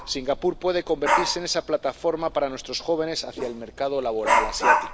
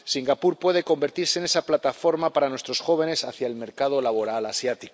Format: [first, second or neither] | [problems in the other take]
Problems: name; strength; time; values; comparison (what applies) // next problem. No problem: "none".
second | background sound (Dog); 1 dB below the speech